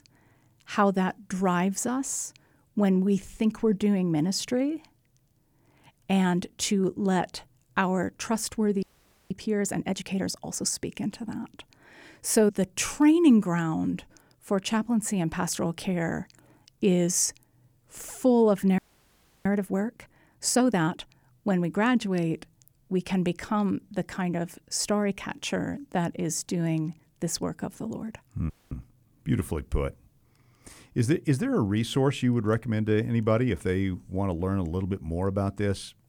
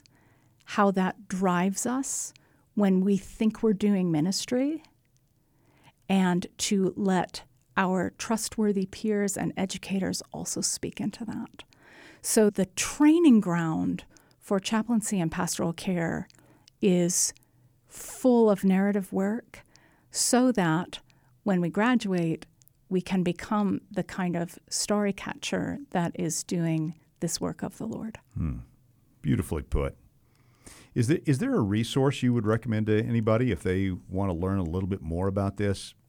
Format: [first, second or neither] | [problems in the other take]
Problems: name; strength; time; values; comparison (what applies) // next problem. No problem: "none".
second | audio freezing; at 9 s, at 19 s for 0.5 s and at 29 s